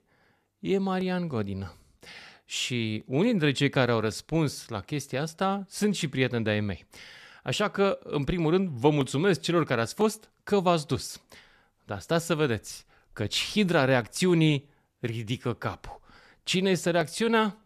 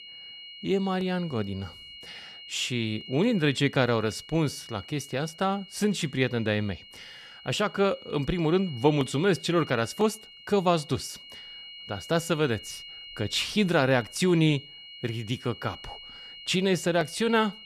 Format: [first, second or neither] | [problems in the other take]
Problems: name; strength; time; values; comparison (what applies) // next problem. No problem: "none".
first | high-pitched whine; noticeable; throughout; 3 kHz, 15 dB below the speech